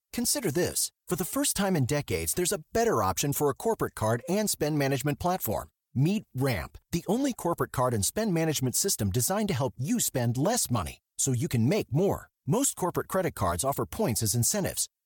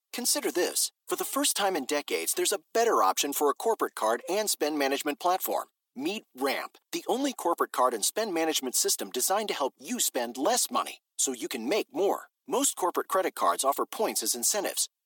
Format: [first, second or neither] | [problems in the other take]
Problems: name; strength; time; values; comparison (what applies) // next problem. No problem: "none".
first | thin; somewhat; fading below 250 Hz